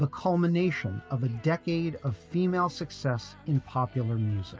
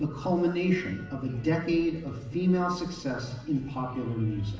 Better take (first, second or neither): first